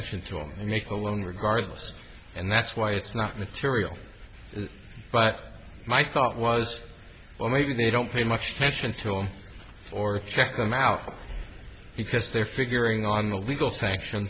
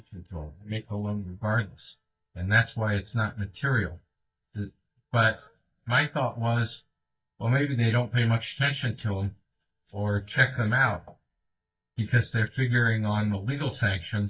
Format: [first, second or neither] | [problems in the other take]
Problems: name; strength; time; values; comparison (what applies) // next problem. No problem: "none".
first | noise reduction (neural mask model DeepFilterNet 3)